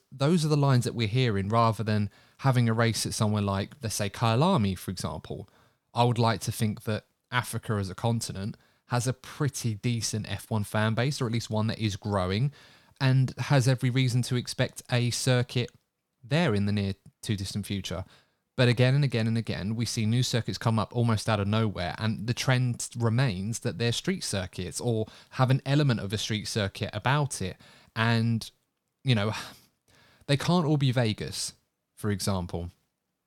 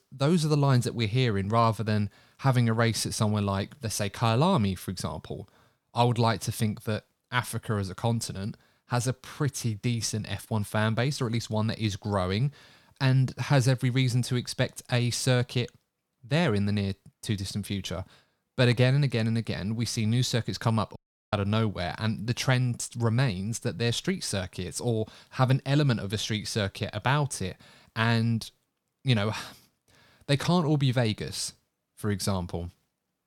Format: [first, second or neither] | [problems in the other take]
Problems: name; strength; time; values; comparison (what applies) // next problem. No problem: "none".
first | audio cutting out; at 21 s